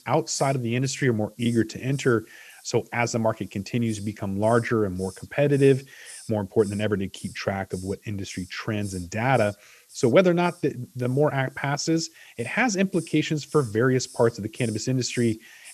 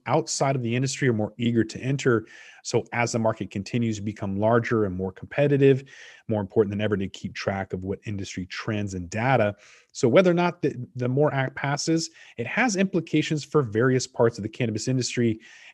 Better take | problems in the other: second | hiss; faint; throughout; 20 dB below the speech

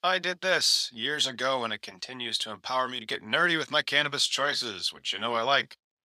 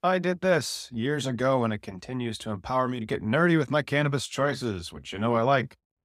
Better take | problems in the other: second | thin; somewhat; fading below 1 kHz

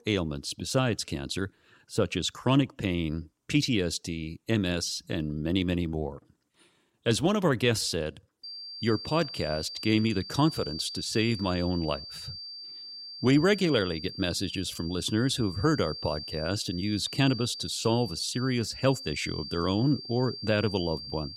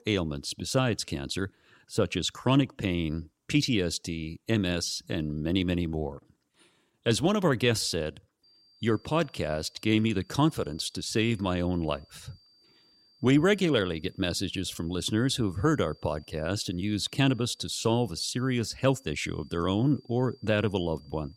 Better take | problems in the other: second | high-pitched whine; loud; from 8.5 s on; 4.5 kHz, 10 dB below the speech; faint in the second

